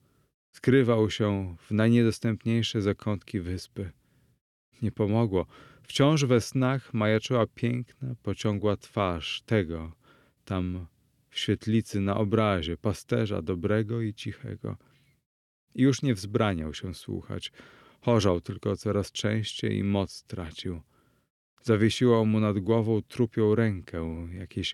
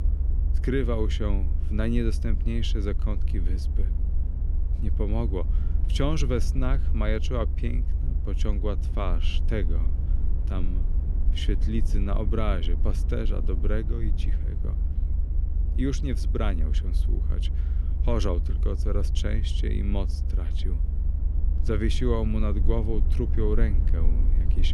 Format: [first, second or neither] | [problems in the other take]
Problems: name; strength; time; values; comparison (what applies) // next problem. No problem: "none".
first | low rumble; noticeable; throughout; 10 dB below the speech